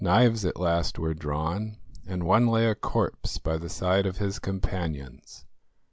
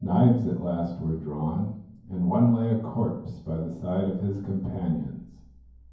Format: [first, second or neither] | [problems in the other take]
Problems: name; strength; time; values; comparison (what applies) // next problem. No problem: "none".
first | room echo; dies away in 0.9 s